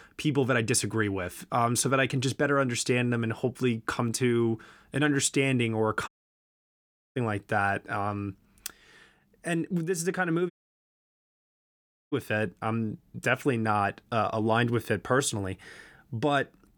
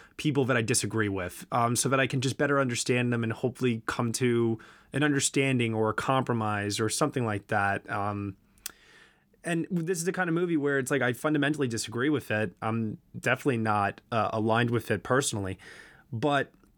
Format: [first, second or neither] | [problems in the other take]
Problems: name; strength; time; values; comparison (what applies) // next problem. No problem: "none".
second | audio cutting out; at 6 s for 1 s and at 11 s for 1.5 s